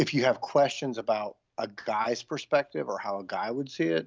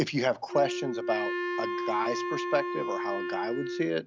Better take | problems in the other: first | background sound (Wind instrument, woodwind instrument); 2 dB below the speech

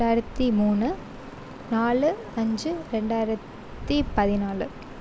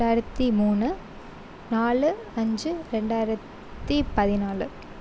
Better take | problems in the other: second | background sound (Motorcycle); 19 dB below the speech

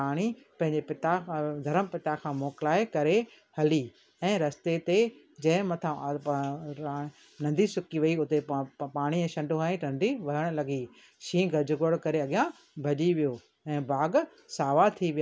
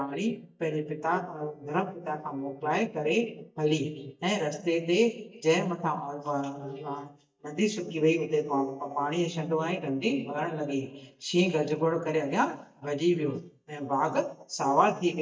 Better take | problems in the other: first | noise reduction (neural mask model DeepFilterNet 3)

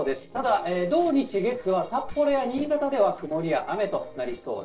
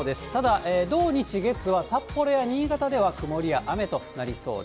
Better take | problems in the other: second | noise reduction (neural separator model SepFormer DNS4)

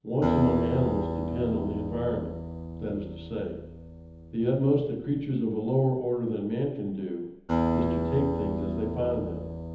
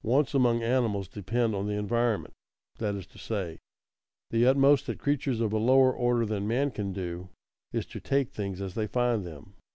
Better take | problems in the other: second | background sound (Acoustic guitar); 3 dB below the speech // room echo; dies away in 1.3 s

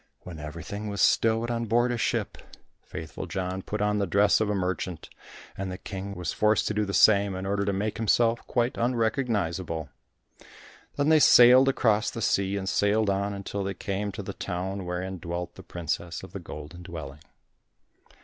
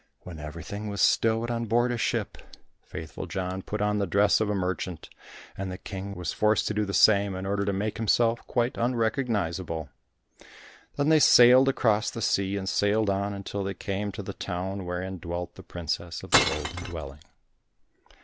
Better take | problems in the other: first | background sound (Glass); 1 dB below the speech

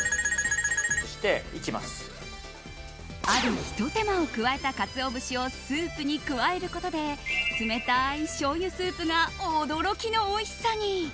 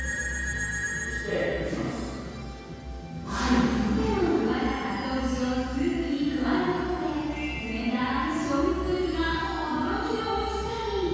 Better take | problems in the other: first | room echo; dies away in 2 s

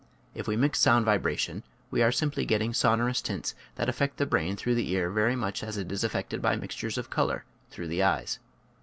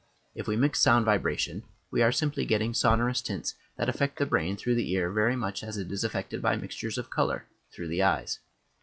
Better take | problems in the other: first | noise reduction (classical method log-MMSE)

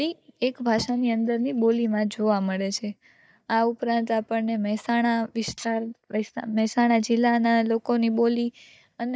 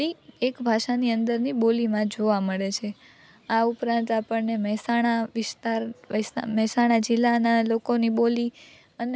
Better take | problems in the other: second | noise reduction (neural mask model DeepFilterNet 3)

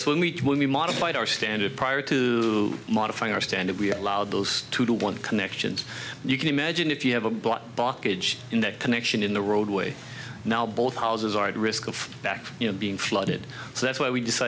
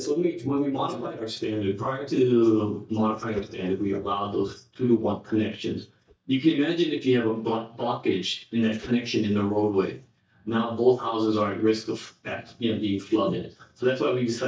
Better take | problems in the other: first | noise reduction (neural mask model DeepFilterNet 3)

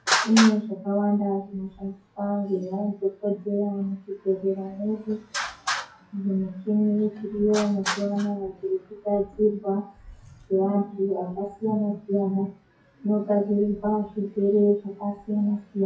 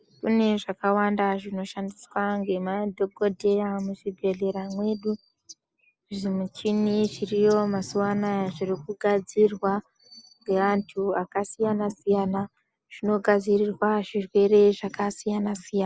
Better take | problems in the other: second | noise reduction (classical method WPE with log-MMSE)

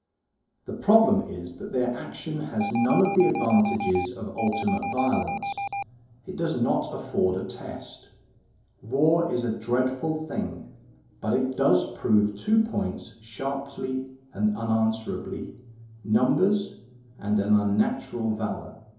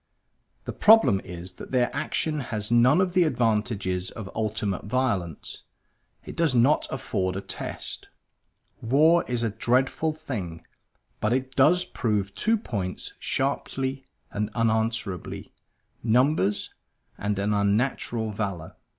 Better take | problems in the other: second | background sound (Alarm); 5 dB below the speech // room echo; dies away in 2.8 s

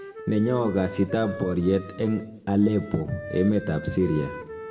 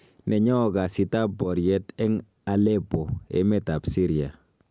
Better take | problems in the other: second | background sound (Wind instrument, woodwind instrument); 14 dB below the speech // room echo; dies away in 1 s

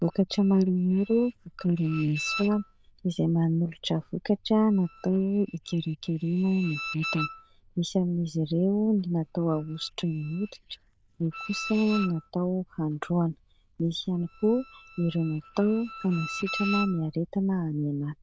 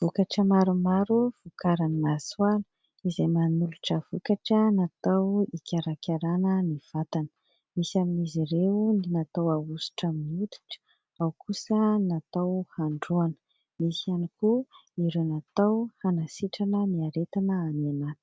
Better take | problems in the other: second | noise reduction (neural diffusion model UNIVERSE++)

